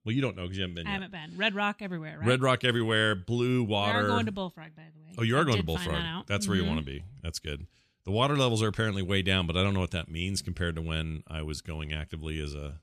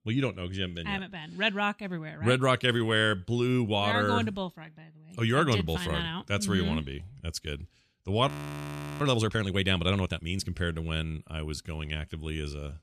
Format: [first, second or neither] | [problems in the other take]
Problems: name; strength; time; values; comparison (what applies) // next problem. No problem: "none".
first | audio freezing; at 8.5 s for 0.5 s